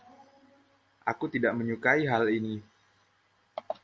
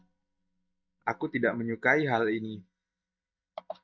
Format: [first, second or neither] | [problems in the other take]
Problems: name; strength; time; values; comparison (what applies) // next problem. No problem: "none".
first | noise reduction (neural mask model DeepFilterNet 3)